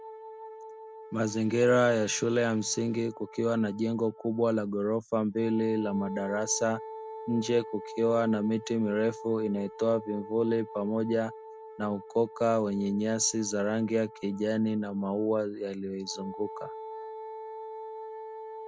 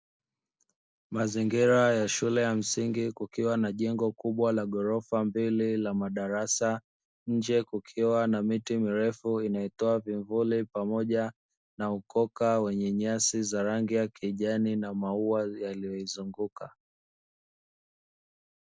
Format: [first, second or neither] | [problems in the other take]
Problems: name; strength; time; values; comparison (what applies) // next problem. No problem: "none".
second | background sound (Wind instrument, woodwind instrument); 14 dB below the speech